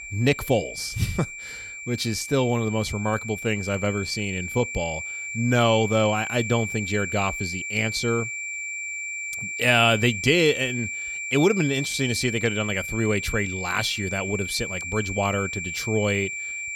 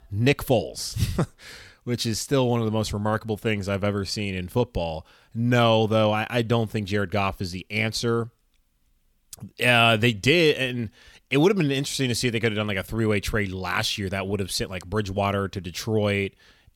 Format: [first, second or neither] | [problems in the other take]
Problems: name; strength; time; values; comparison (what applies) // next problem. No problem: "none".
second | high-pitched whine; loud; throughout; 2.5 kHz, 6 dB below the speech